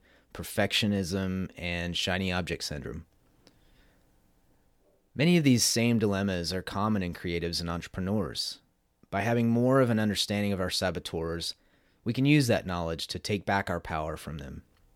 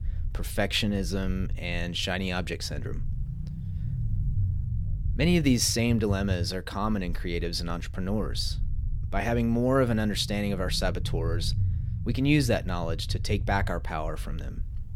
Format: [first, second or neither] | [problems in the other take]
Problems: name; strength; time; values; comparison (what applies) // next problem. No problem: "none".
first | low rumble; noticeable; throughout; 20 dB below the speech